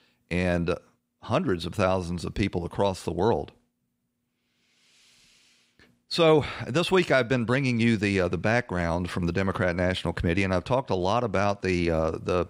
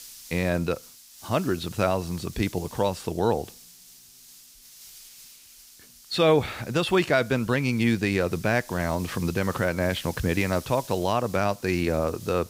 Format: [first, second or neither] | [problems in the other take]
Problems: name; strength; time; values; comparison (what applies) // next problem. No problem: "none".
first | hiss; noticeable; throughout; 20 dB below the speech